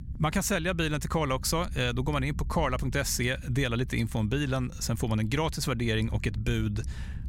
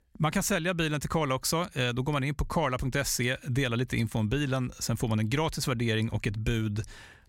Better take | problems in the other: second | low rumble; faint; throughout; 25 dB below the speech

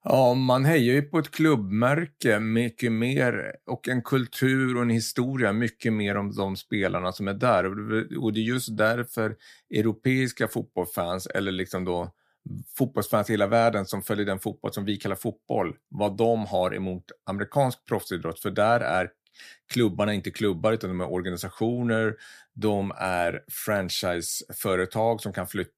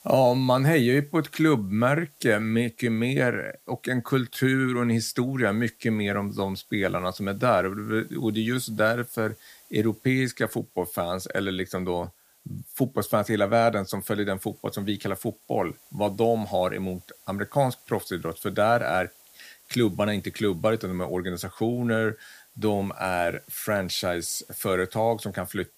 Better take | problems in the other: first | hiss; faint; throughout; 25 dB below the speech

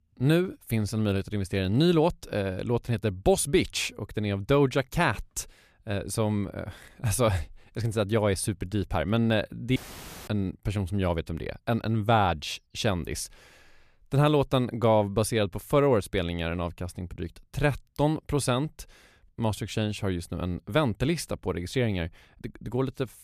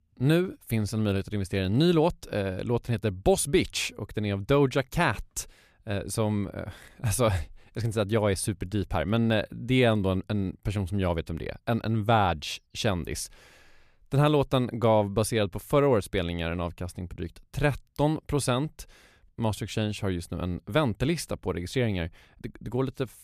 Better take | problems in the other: second | audio cutting out; filled with static; at 10 s for 0.5 s

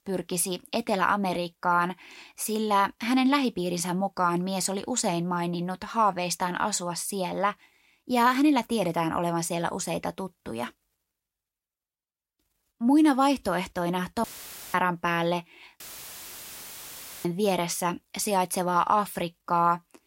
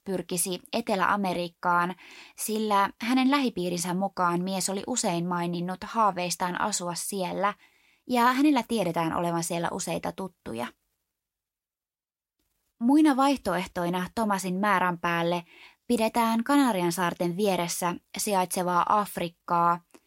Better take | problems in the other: second | audio cutting out; filled with static; at 14 s for 0.5 s and at 16 s for 1.5 s

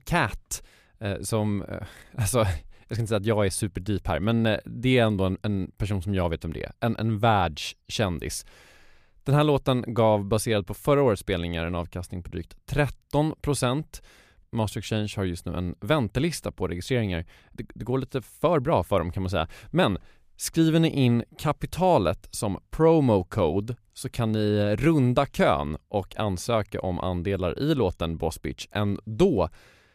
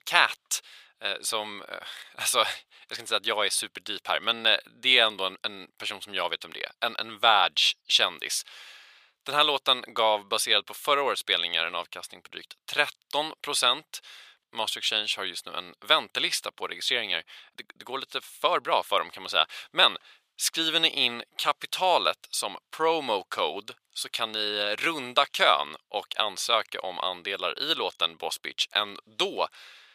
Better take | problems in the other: first | thin; very; fading below 800 Hz

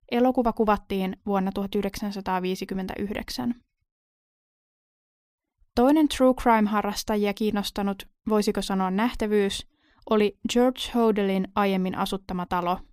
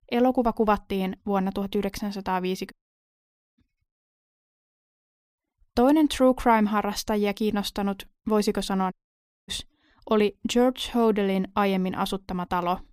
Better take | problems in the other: first | audio cutting out; at 2.5 s for 1 s and at 9 s for 0.5 s

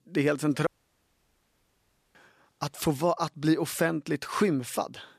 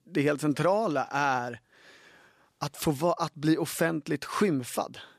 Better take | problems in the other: second | audio cutting out; at 0.5 s for 1.5 s

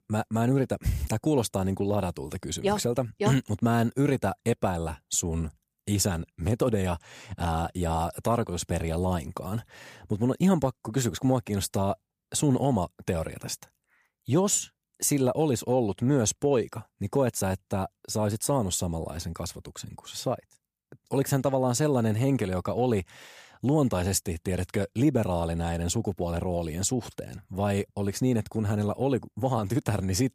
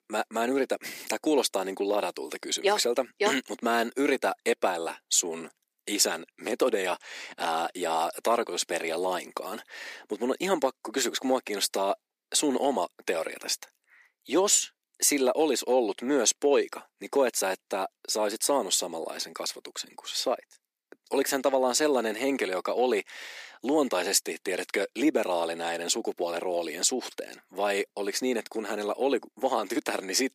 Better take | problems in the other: first | thin; somewhat; fading below 300 Hz

